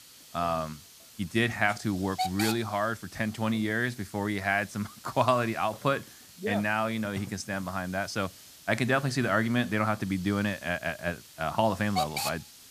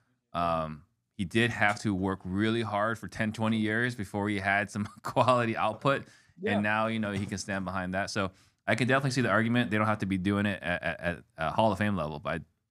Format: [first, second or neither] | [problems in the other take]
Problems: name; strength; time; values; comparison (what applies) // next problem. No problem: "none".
second | hiss; noticeable; throughout; 10 dB below the speech